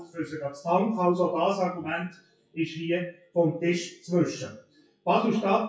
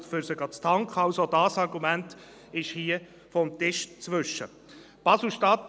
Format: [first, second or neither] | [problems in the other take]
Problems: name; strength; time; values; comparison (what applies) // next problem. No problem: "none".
second | noise reduction (classical method WPE with log-MMSE)